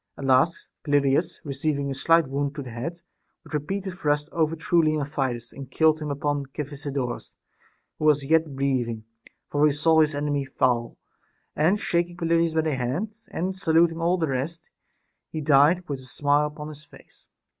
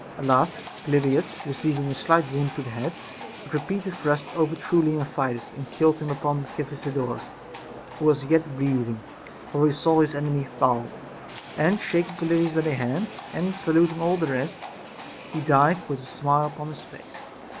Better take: first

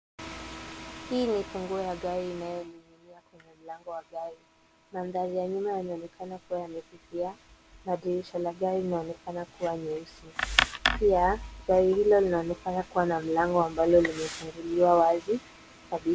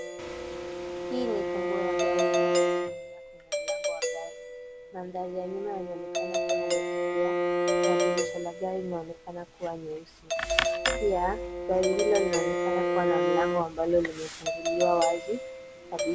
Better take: first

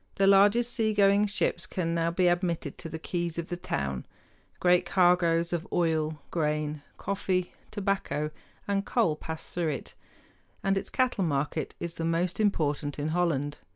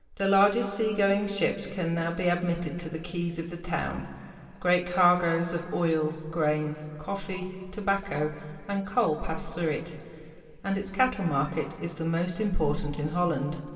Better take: first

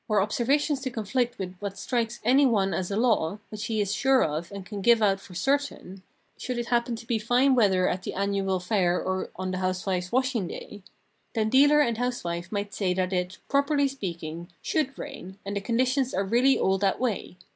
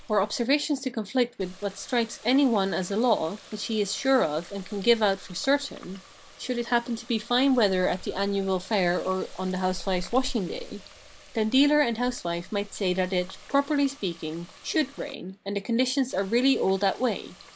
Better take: first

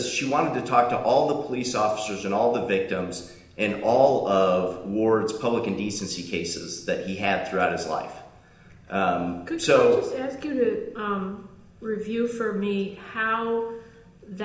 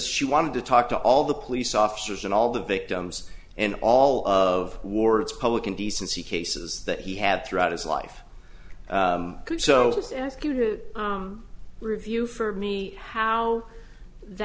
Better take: second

